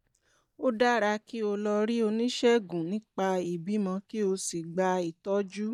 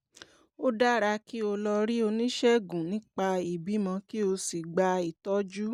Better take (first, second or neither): second